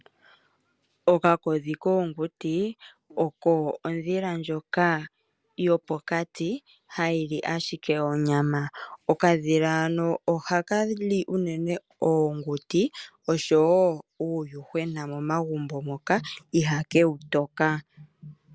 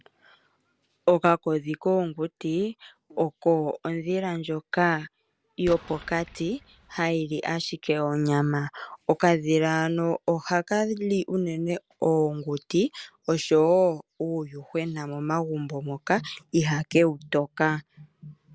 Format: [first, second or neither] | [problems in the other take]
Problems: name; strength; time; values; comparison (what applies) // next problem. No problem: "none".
first | background sound (Explosion); 18 dB below the speech